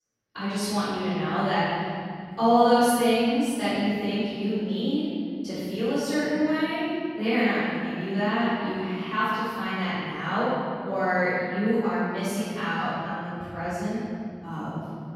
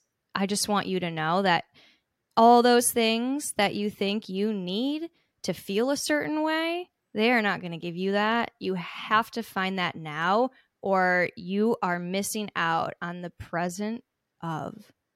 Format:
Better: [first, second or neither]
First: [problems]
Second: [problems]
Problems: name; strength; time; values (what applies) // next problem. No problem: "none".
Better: second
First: off-mic speech; far // room echo; strong; dies away in 3 s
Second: none